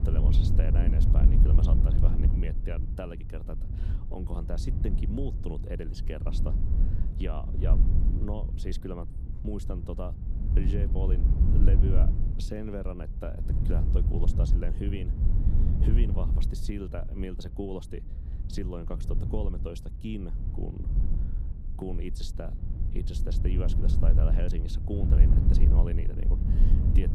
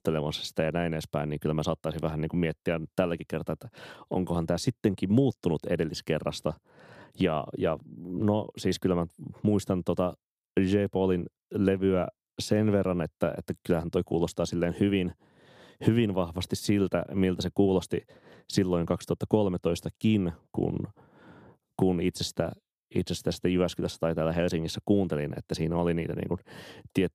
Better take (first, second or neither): second